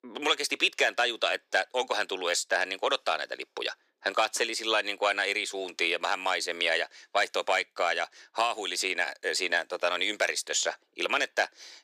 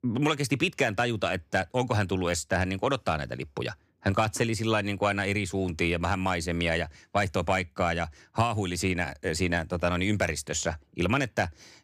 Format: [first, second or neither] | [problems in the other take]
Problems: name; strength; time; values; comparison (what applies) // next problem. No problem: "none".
second | thin; very; fading below 400 Hz